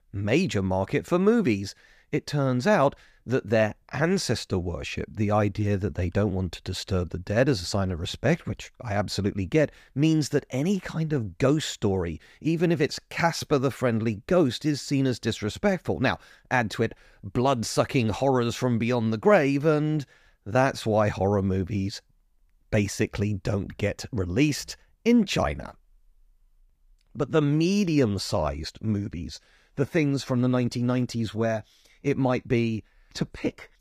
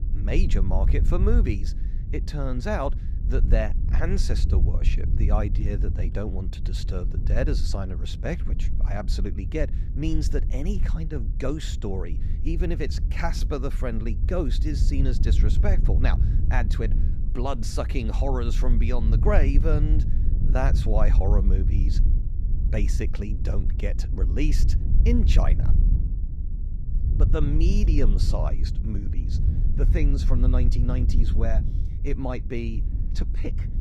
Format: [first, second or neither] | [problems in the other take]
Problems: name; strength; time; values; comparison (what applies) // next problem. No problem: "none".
first | wind noise on the microphone; heavy; 9 dB below the speech